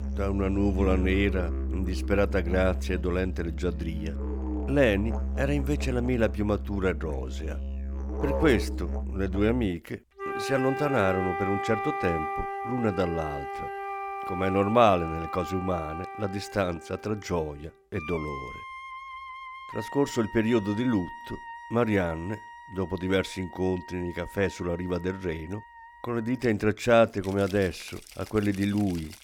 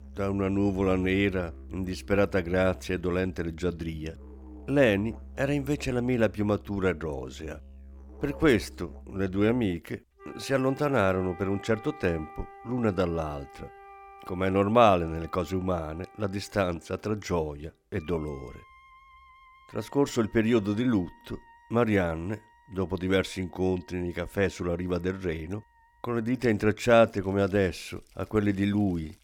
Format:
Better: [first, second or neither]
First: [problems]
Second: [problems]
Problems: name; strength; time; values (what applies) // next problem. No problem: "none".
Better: second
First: background music; loud; throughout; 6 dB below the speech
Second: background music; faint; throughout; 20 dB below the speech